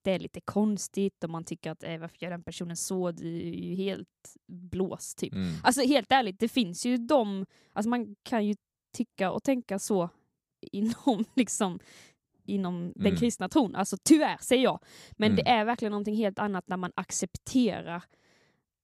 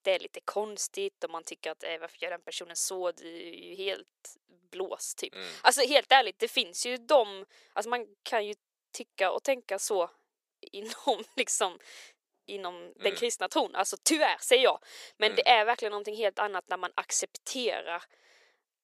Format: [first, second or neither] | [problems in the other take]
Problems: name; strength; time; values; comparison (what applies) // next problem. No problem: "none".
first | thin; very; fading below 450 Hz